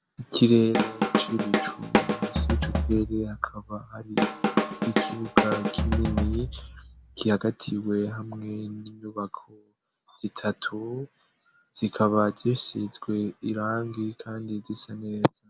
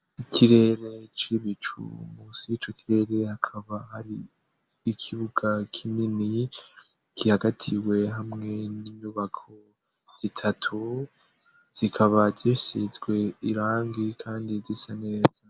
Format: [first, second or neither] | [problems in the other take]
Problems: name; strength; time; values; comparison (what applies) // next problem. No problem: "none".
second | background sound (Drum kit); 2 dB above the speech